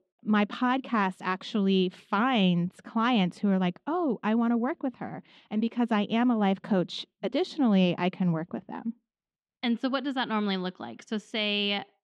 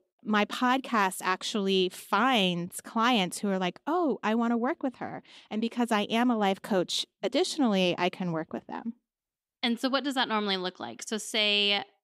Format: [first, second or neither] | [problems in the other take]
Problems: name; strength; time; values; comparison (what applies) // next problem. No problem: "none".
second | muffled; very slightly; fading above 3.5 kHz